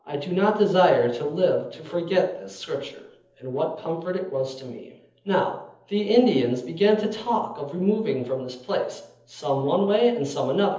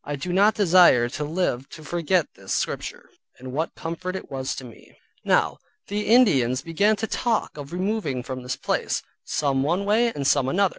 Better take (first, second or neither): second